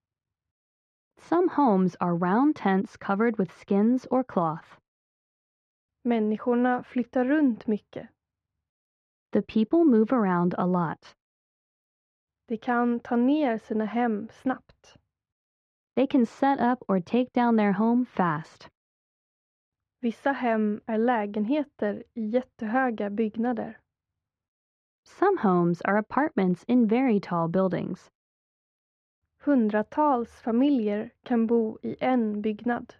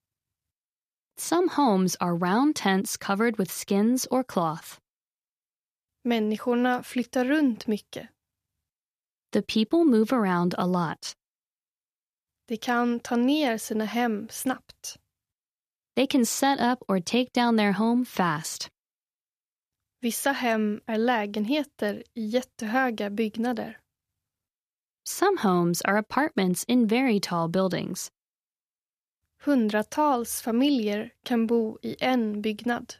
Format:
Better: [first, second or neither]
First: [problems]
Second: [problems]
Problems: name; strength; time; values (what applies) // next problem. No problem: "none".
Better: second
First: muffled; very; fading above 1.5 kHz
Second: none